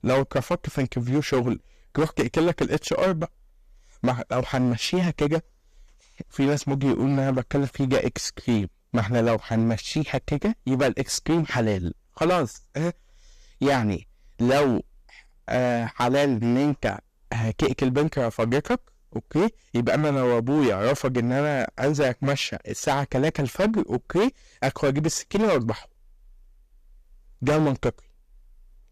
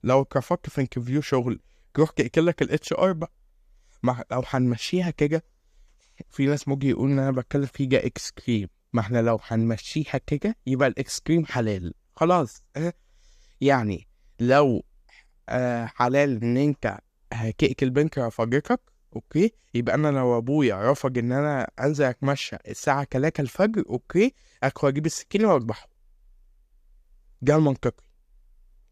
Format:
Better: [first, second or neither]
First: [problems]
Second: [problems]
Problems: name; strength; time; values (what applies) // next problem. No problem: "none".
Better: second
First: distortion; heavy; 12% of the sound clipped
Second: none